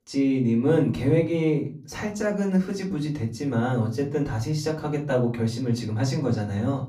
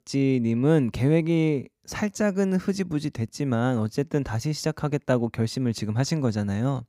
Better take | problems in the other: second | off-mic speech; far // room echo; very slight; dies away in 0.4 s

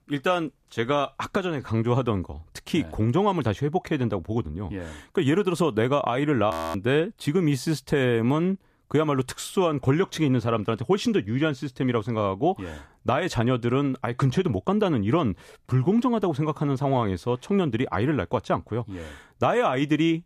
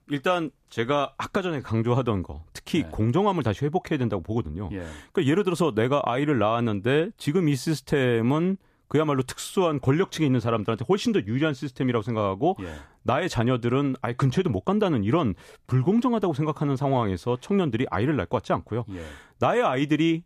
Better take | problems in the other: second | audio freezing; at 6.5 s

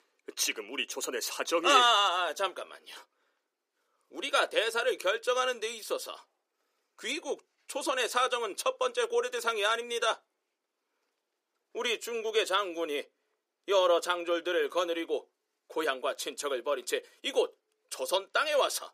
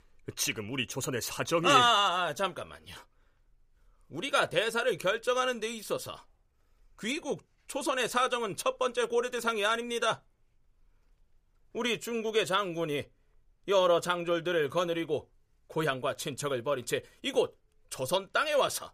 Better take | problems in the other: second | thin; somewhat; fading below 300 Hz

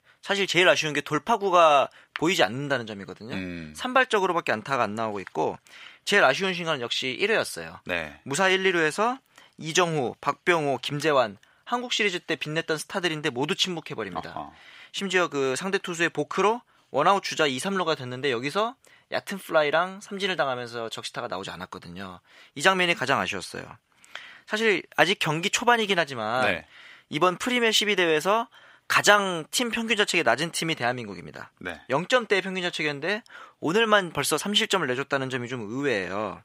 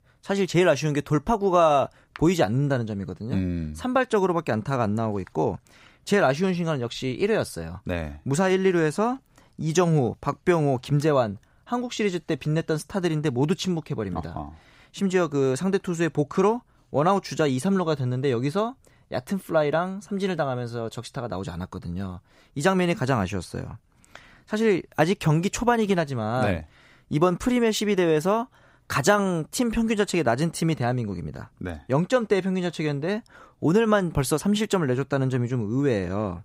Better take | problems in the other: second | thin; somewhat; fading below 1 kHz

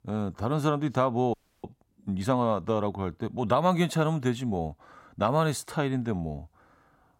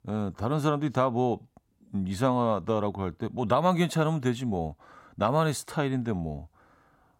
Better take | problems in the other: second | audio freezing; at 1.5 s

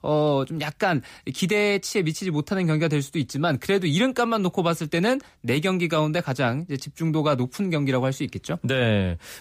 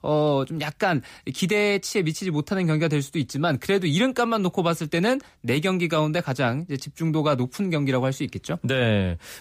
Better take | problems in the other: neither | none

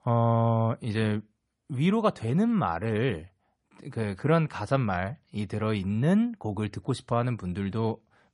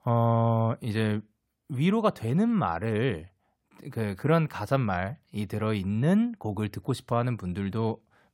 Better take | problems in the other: second | garbled, watery; slightly; nothing above 10.5 kHz

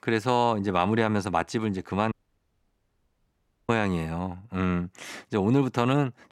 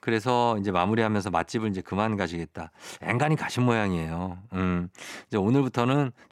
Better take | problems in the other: second | audio cutting out; at 2 s for 1.5 s

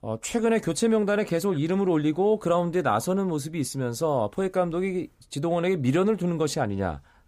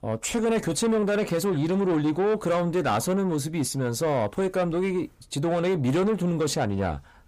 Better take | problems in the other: first | distortion; slight; 10 dB below the speech

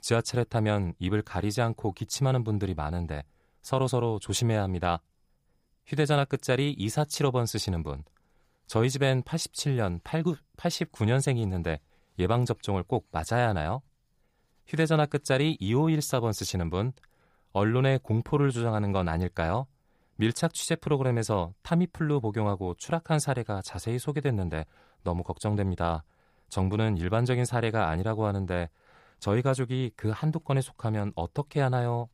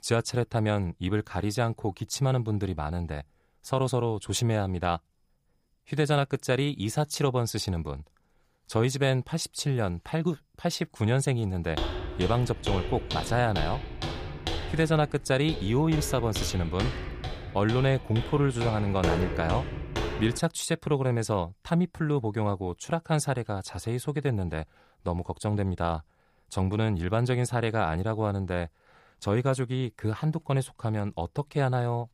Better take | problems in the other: first | footsteps; noticeable; from 12 to 20 s; peak 1 dB below the speech

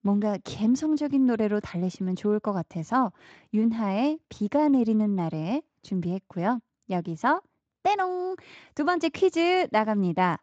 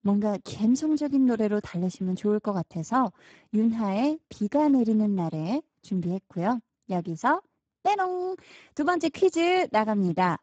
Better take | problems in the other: first | garbled, watery; badly; nothing above 7.5 kHz; slightly in the first

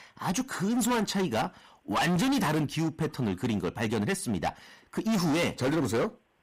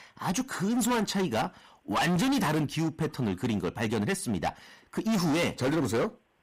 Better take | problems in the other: neither | distortion; heavy; 22% of the sound clipped; the same in both

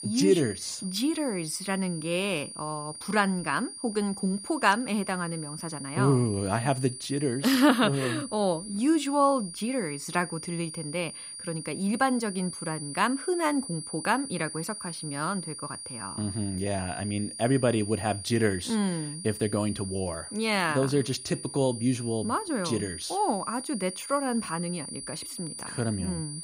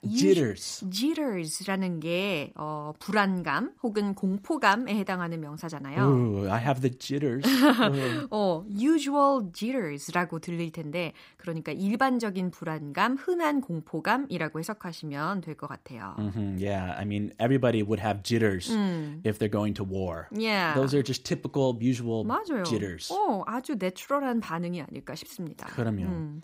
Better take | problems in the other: second | high-pitched whine; loud; throughout; 9.5 kHz, 9 dB below the speech

